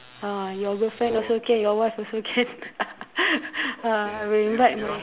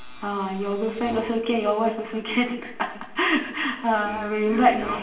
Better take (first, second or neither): first